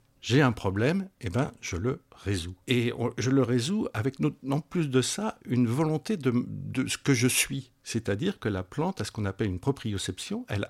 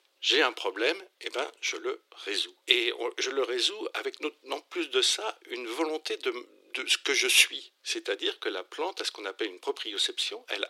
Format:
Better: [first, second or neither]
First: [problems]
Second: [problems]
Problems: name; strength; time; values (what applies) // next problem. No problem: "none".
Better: first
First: none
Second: thin; very; fading below 350 Hz